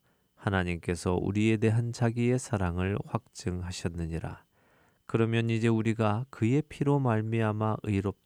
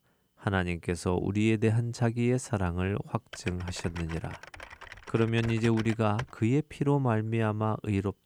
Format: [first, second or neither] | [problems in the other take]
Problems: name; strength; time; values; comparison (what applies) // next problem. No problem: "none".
first | keyboard typing; faint; from 3.5 to 6 s; peak 10 dB below the speech